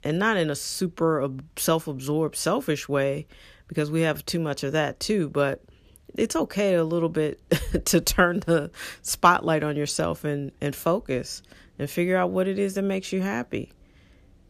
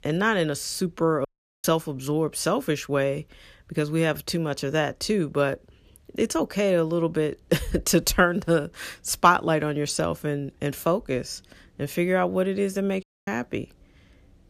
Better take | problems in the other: first | audio cutting out; at 1.5 s and at 13 s

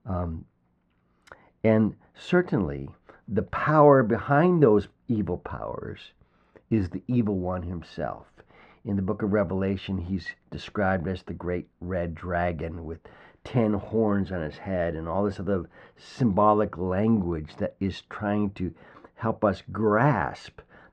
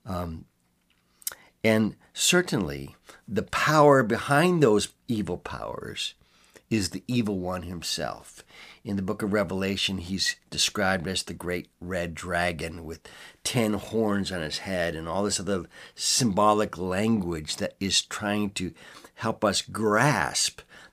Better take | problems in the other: second | muffled; very; fading above 1.5 kHz

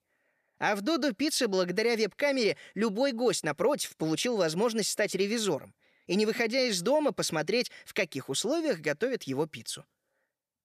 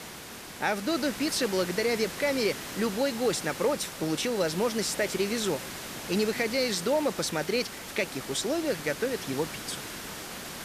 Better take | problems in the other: first | hiss; loud; throughout; 9 dB below the speech

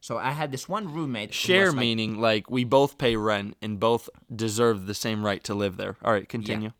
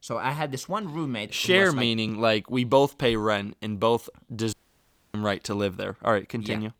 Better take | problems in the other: first | audio cutting out; at 4.5 s for 0.5 s

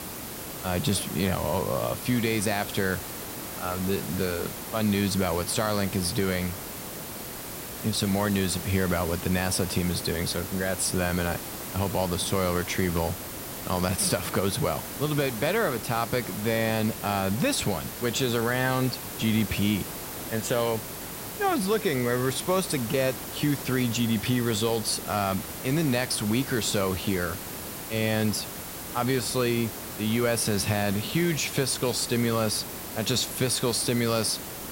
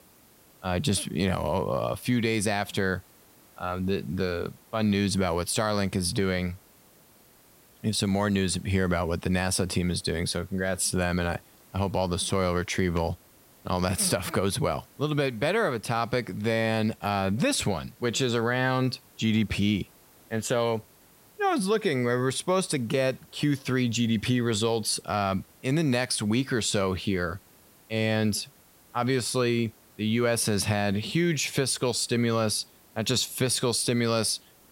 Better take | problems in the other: second | hiss; loud; throughout; 8 dB below the speech; faint in the second

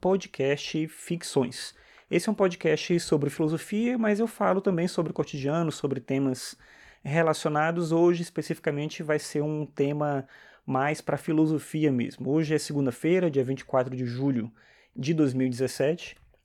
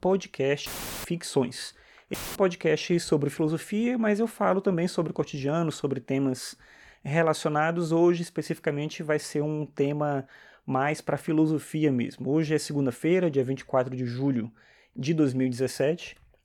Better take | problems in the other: first | audio cutting out; filled with static; at 0.5 s and at 2 s

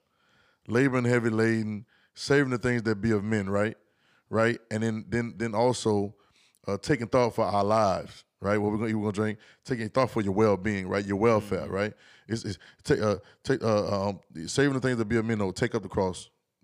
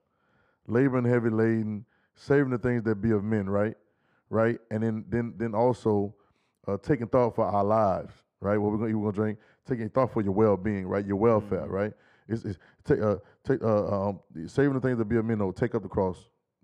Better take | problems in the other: first | muffled; very; fading above 2 kHz

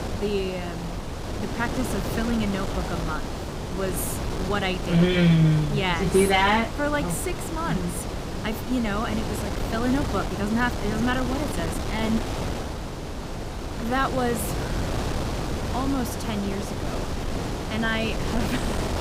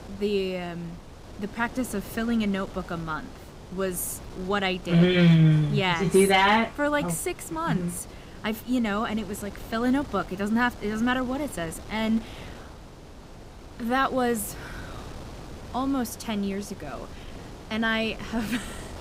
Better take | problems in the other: second | wind noise on the microphone; heavy; 5 dB below the speech; occasional gusts in the second

